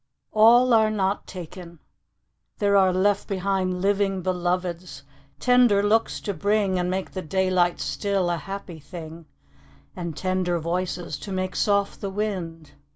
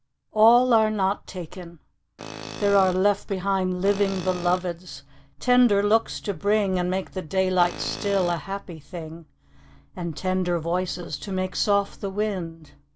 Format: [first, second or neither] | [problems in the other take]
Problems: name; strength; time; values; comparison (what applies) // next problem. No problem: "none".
first | background sound (Tools); 14 dB below the speech